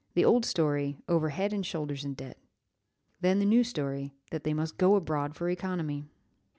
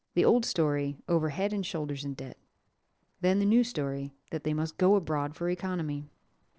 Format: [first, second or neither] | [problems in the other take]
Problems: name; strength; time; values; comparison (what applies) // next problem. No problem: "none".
first | noise reduction (neural separator model SepFormer DNS4)